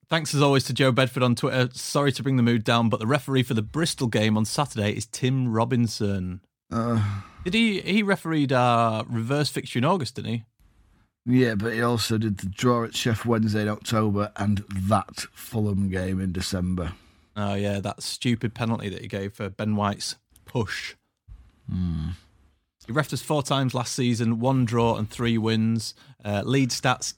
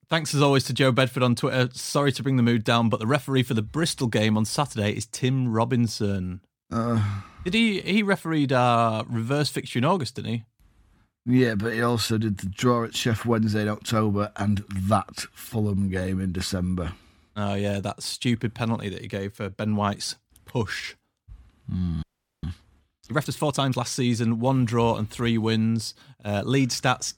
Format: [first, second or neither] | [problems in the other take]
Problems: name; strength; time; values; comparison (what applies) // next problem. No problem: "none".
first | audio freezing; at 22 s